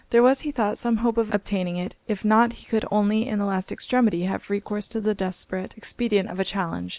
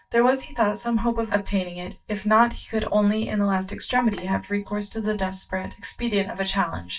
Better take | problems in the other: first | noise reduction (neural mask model DeepFilterNet 3)

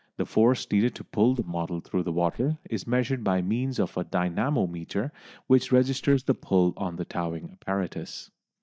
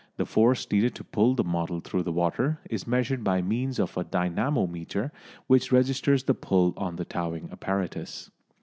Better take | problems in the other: second | noise reduction (neural mask model DeepFilterNet 3)

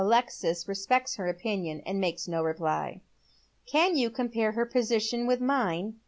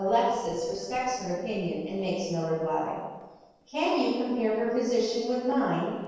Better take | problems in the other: first | noise reduction (neural separator model SepFormer DNS4)

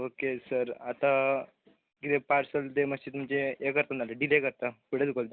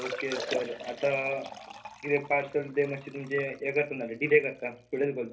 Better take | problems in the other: first | background sound (Liquid); 12 dB below the speech // room echo; dies away in 0.3 s

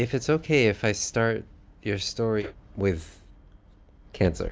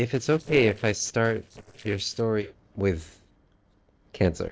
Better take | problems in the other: first | noise reduction (neural separator model SepFormer DNS4)

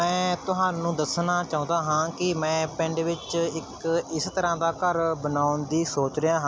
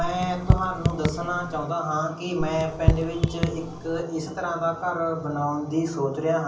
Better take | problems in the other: first | background sound (Raindrop / Drip); 1 dB above the speech // room echo; dies away in 0.6 s

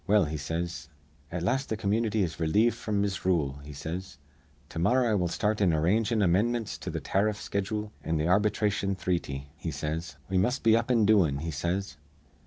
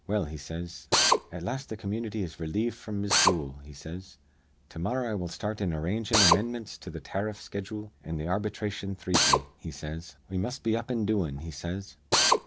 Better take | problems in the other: first | background sound (Drill); as loud as the speech

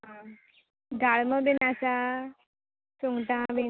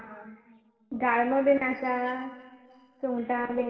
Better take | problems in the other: first | noise reduction (neural separator model SepFormer DNS4)

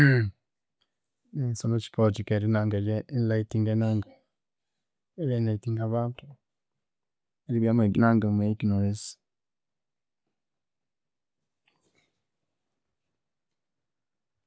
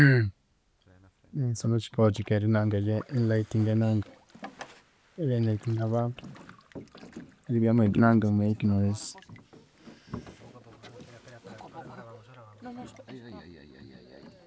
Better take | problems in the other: first | background sound (Boat, Water vehicle); 19 dB below the speech

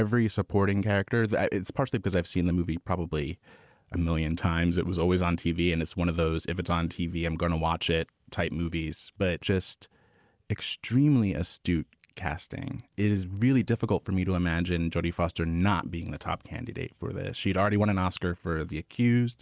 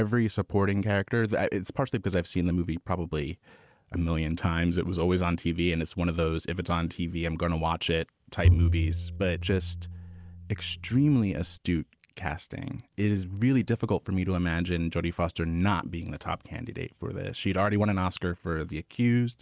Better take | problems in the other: first | background sound (Bowed string instrument); as loud as the speech

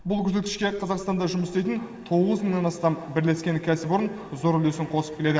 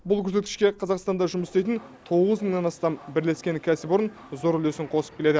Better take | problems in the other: second | room echo; dies away in 1.6 s

